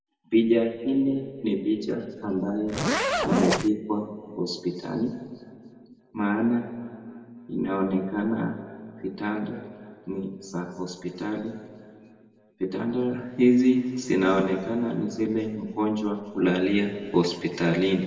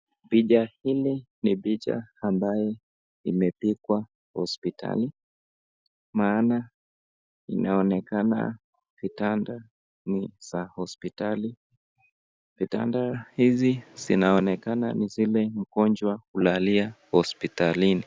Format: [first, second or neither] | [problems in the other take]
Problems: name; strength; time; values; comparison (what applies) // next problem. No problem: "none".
second | background sound (Zipper (clothing)); 1 dB above the speech // room echo; dies away in 2 s